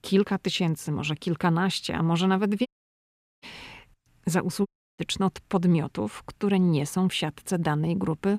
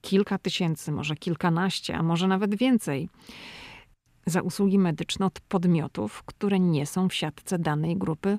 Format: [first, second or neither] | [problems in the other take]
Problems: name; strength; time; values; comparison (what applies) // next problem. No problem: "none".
second | audio cutting out; at 2.5 s for 1 s and at 4.5 s